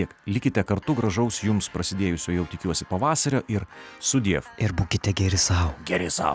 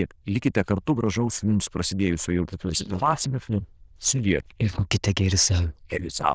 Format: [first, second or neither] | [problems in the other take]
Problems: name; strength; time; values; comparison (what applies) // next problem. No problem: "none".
first | noise reduction (neural diffusion model UNIVERSE++)